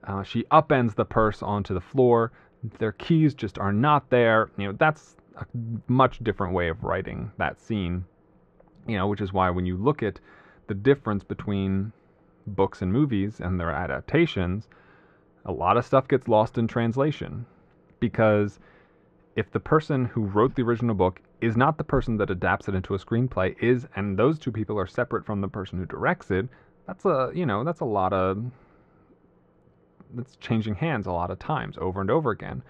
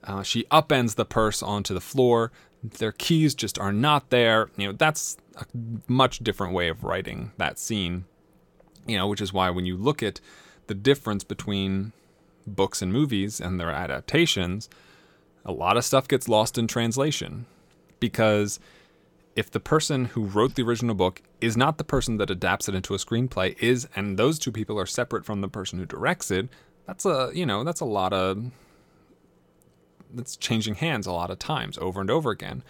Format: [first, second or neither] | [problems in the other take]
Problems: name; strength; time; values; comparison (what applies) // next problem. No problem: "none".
second | muffled; very; fading above 1.5 kHz